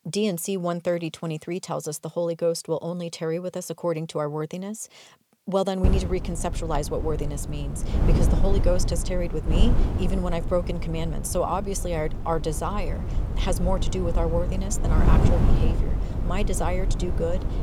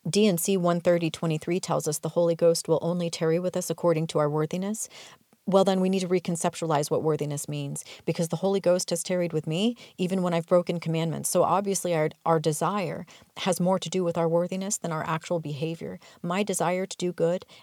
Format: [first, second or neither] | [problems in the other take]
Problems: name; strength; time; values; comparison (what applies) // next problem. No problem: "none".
second | wind noise on the microphone; heavy; from 6 s on; 8 dB below the speech